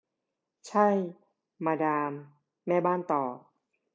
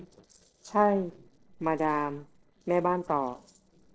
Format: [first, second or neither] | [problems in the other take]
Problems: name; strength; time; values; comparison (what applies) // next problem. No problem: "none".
first | noise reduction (neural separator model SepFormer DNS4)